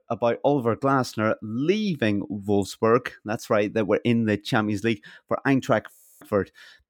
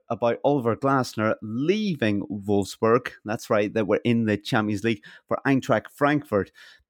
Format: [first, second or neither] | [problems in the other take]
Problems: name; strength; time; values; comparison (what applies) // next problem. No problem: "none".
second | audio freezing; at 6 s